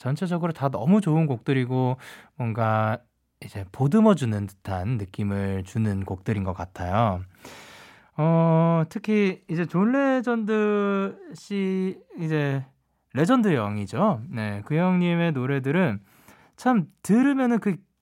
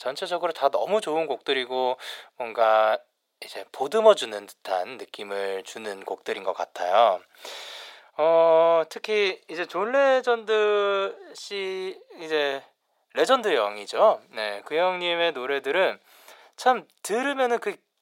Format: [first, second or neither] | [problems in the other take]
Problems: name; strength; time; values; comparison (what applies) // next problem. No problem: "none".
first | thin; very; fading below 450 Hz